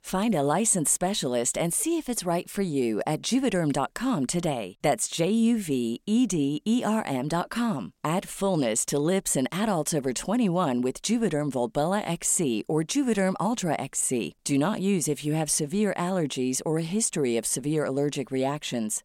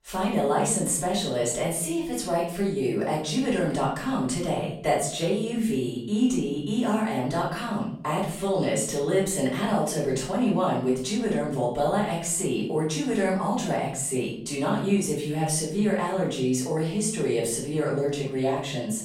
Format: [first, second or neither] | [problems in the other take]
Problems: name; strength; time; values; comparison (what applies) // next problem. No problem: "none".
first | off-mic speech; far // room echo; noticeable; dies away in 0.6 s